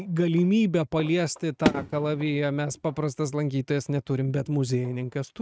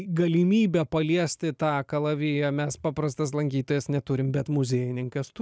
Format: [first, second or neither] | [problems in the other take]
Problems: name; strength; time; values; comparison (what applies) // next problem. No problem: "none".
second | noise reduction (neural mask model RNNoise)